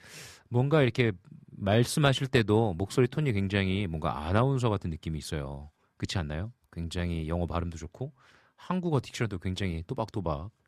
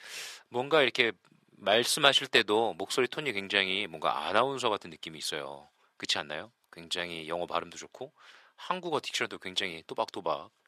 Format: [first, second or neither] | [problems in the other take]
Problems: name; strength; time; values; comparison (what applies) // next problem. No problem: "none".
first | thin; very; fading below 500 Hz